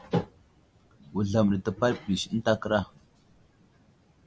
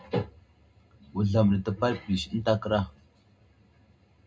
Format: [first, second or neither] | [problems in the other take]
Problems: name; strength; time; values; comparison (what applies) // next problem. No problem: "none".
first | room echo; dies away in 0.2 s